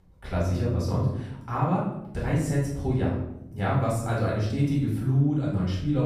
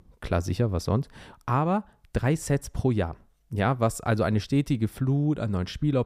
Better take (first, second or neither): second